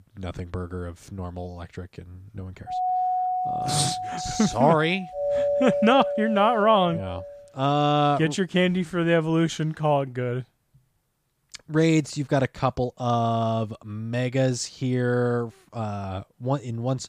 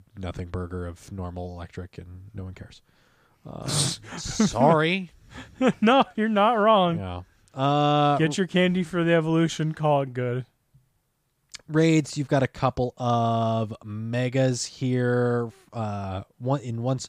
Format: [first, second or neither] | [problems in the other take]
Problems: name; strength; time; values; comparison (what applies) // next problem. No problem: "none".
second | doorbell; loud; from 2.5 to 7.5 s; peak 1 dB above the speech